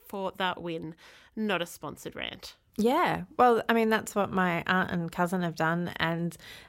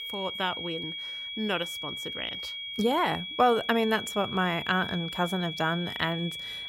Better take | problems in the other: first | high-pitched whine; loud; throughout; 3.5 kHz, 6 dB below the speech

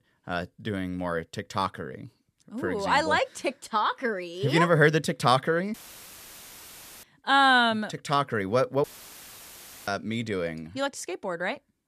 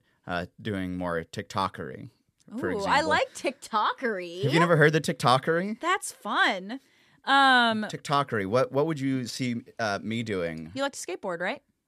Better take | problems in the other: second | audio cutting out; filled with static; at 5.5 s for 1.5 s and at 9 s for 1 s

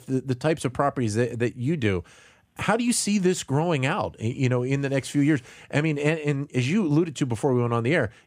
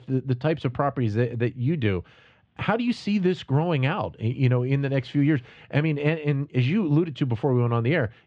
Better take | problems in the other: first | muffled; slightly; fading above 3.5 kHz

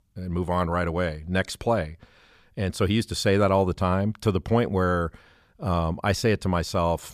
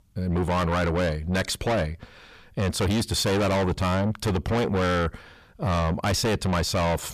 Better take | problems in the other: first | distortion; heavy; 6 dB below the speech

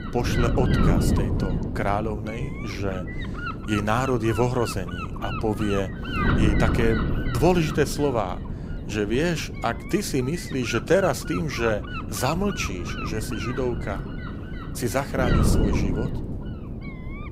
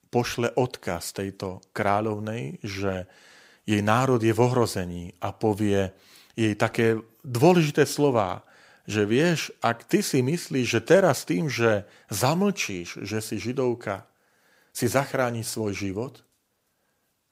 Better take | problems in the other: second | wind noise on the microphone; heavy; 5 dB below the speech

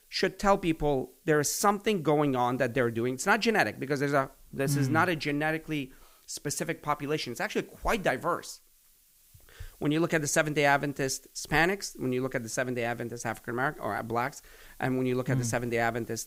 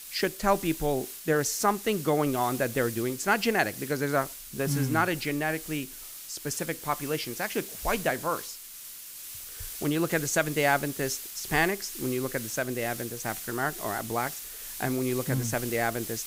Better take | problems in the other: first | hiss; loud; throughout; 9 dB below the speech; faint in the first

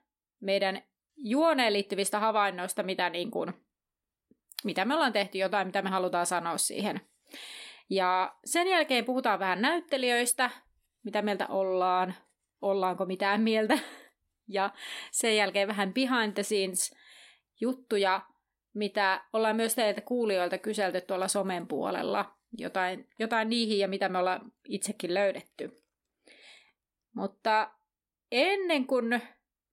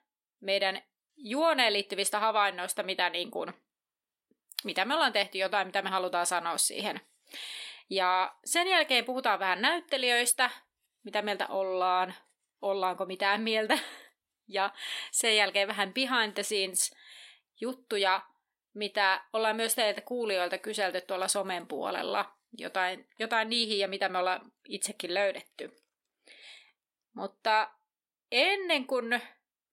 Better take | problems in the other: first | thin; very slightly; fading below 600 Hz

